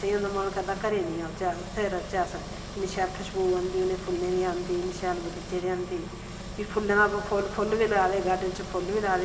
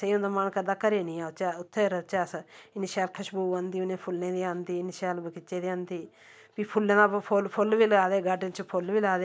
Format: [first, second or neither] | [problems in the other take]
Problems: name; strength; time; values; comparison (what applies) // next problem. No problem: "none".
second | background sound (Engine); 10 dB below the speech // room echo; dies away in 1.6 s